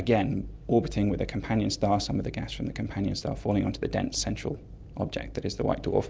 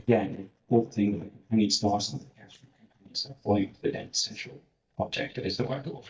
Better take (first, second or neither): first